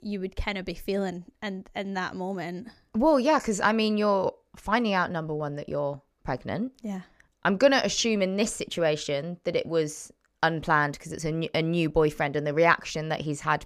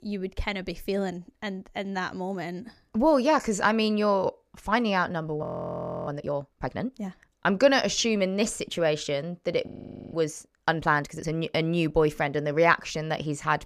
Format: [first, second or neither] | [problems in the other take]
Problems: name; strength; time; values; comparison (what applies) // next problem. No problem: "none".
first | audio freezing; at 5.5 s for 0.5 s and at 9.5 s